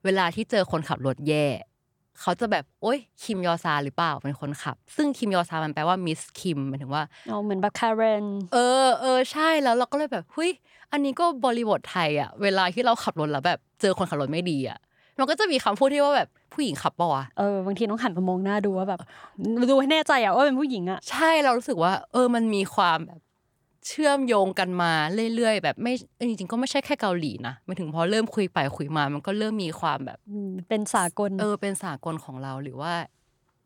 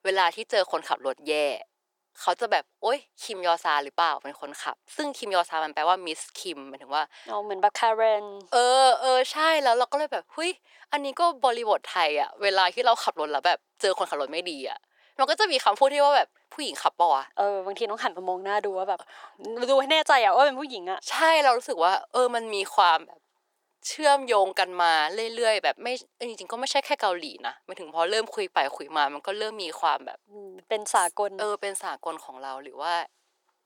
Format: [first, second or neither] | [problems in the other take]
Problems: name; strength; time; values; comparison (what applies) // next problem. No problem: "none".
first | thin; very; fading below 400 Hz